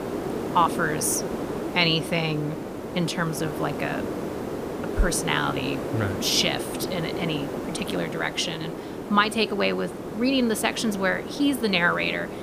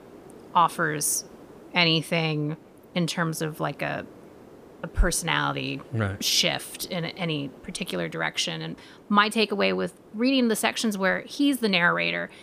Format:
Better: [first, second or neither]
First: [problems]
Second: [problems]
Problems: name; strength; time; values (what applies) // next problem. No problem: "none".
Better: second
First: hiss; loud; throughout; 6 dB below the speech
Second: hiss; faint; throughout; 25 dB below the speech